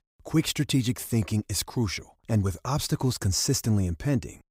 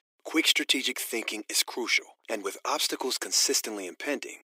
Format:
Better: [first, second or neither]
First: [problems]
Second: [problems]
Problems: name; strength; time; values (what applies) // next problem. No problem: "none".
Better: first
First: none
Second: thin; very; fading below 350 Hz